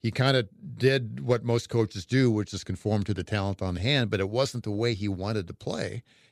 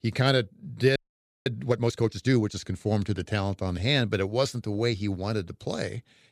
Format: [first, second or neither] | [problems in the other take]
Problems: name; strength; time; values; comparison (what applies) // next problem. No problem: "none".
first | audio freezing; at 1 s for 0.5 s